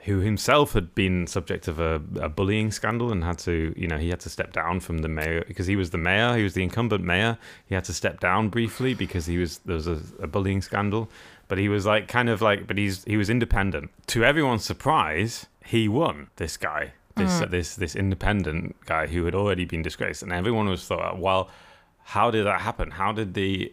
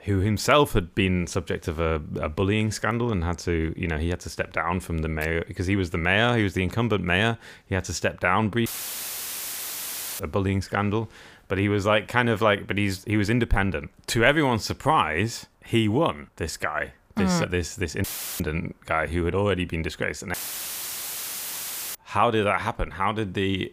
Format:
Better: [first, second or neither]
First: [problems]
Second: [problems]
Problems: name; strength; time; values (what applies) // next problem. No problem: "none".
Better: first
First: none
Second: audio cutting out; filled with static; at 8.5 s for 1.5 s, at 18 s and at 20 s for 1.5 s